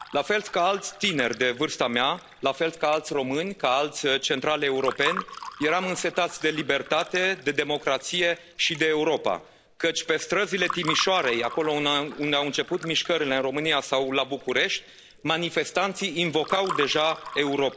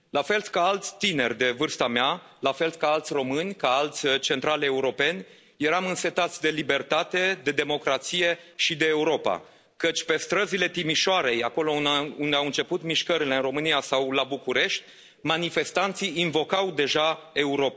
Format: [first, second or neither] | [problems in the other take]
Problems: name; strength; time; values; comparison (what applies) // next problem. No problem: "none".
second | background sound (Fill (with liquid) / Water); 14 dB below the speech